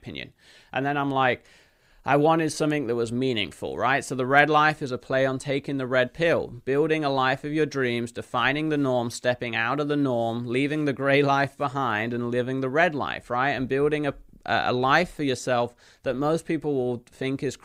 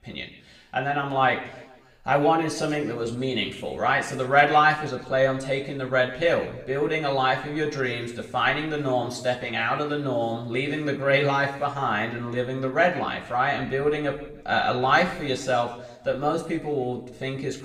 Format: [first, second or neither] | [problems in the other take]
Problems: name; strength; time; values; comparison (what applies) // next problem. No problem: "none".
first | room echo; slight; dies away in 0.8 s // off-mic speech; somewhat distant